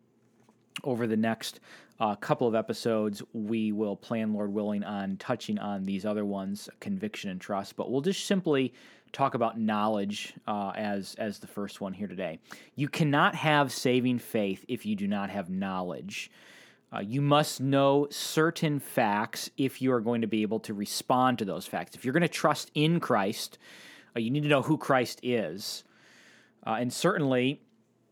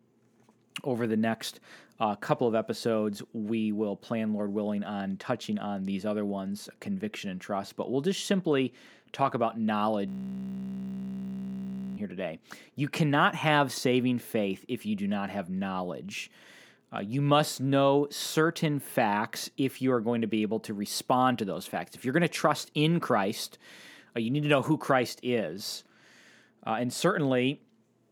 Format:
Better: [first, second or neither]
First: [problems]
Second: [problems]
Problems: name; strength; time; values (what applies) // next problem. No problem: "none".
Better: first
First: none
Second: audio freezing; at 10 s for 2 s